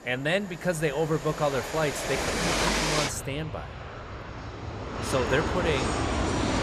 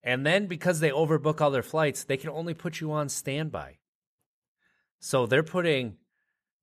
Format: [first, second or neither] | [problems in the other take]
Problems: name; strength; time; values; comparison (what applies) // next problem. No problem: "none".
second | train or aircraft noise; loud; throughout; 1 dB below the speech